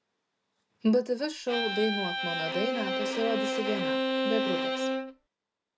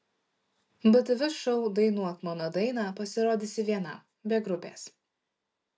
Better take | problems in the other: second | background sound (Bowed string instrument); 2 dB above the speech

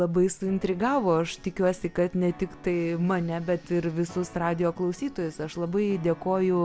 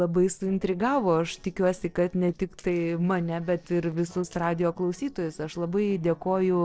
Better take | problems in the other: first | noise reduction (neural separator model SepFormer DNS4)

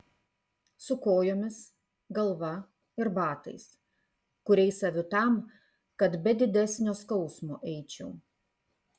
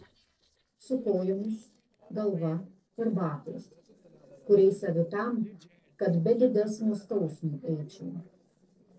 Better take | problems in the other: first | noise reduction (neural separator model SepFormer DNS4)

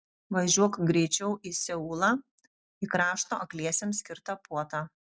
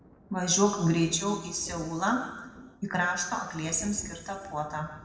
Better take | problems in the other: first | background sound (Thunder); 19 dB below the speech // room echo; dies away in 1.2 s

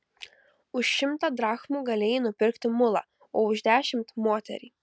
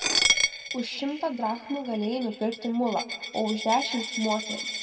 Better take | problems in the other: first | background sound (Coin (dropping)); 2 dB below the speech // room echo; dies away in 1.3 s

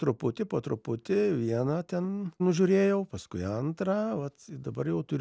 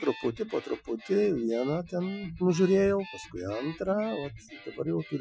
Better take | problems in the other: first | noise reduction (classical method Wiener filter)

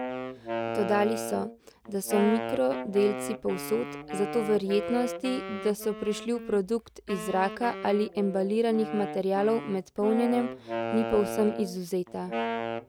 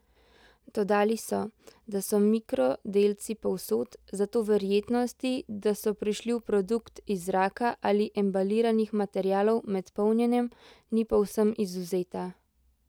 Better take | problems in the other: second | background sound (Wind instrument, woodwind instrument); 7 dB below the speech

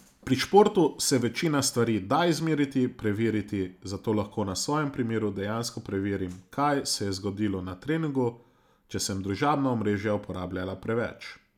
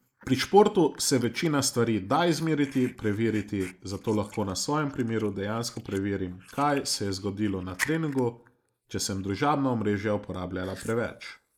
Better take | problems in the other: first | noise reduction (neural mask model Resemble Enhance denoiser)

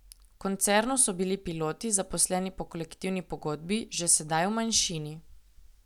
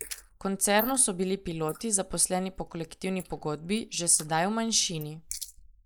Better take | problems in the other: first | noise reduction (neural mask model Resemble Enhance denoiser)

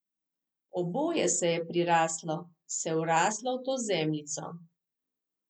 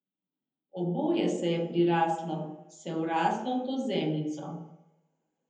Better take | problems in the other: first | room echo; dies away in 0.8 s

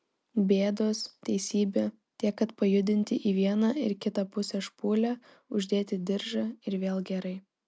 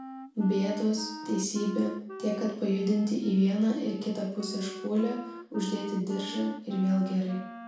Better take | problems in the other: first | background sound (Wind instrument, woodwind instrument); 14 dB below the speech // room echo; dies away in 0.5 s

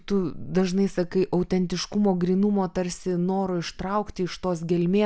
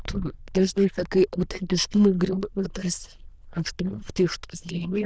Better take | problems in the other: first | noise reduction (neural diffusion model UNIVERSE++)

